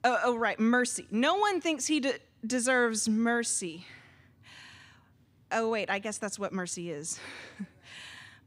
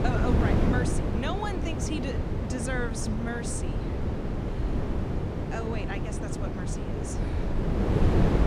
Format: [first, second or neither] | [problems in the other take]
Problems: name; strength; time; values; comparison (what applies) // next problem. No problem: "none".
first | wind noise on the microphone; heavy; 1 dB above the speech